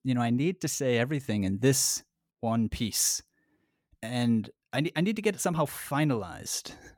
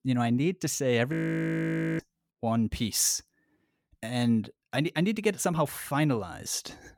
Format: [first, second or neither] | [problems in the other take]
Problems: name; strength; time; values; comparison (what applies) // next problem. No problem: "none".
first | audio freezing; at 1 s for 1 s